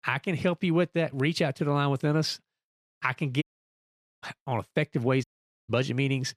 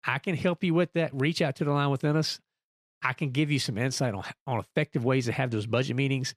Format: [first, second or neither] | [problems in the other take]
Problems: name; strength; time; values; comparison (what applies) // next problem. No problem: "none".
second | audio cutting out; at 3.5 s for 1 s and at 5 s